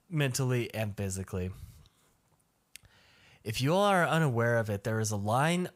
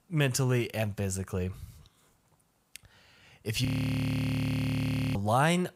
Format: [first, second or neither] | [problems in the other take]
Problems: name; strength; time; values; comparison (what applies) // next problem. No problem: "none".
first | audio freezing; at 3.5 s for 1.5 s